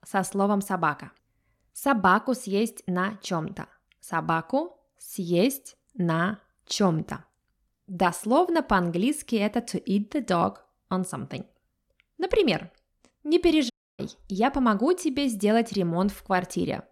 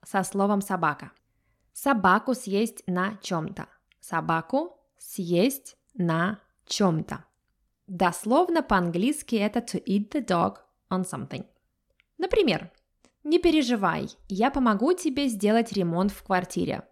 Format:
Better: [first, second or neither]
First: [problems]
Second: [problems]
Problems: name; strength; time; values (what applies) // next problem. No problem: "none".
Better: second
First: audio cutting out; at 14 s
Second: none